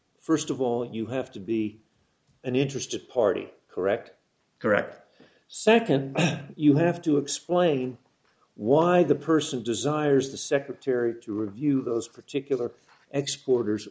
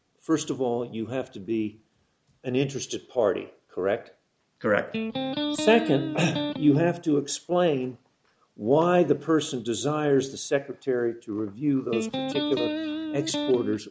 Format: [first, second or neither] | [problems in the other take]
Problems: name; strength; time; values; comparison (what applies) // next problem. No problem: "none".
first | background sound (Electric guitar); 3 dB below the speech